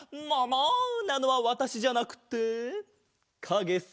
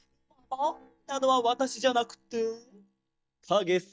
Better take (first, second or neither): first